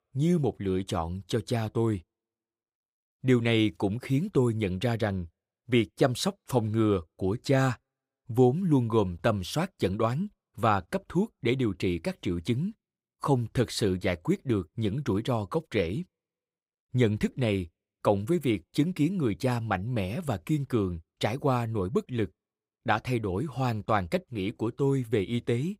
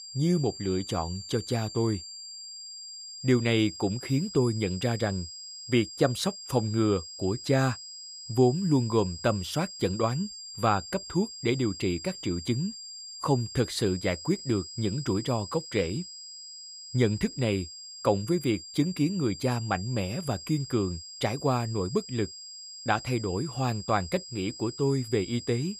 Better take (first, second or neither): first